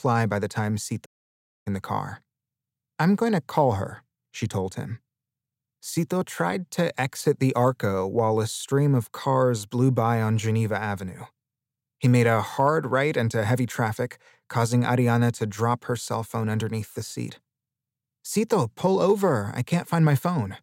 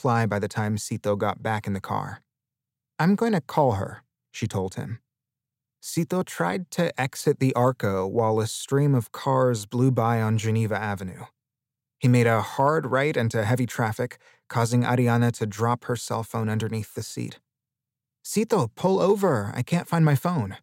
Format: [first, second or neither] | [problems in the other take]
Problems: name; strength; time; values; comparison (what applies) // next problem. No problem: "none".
second | audio cutting out; at 1 s for 0.5 s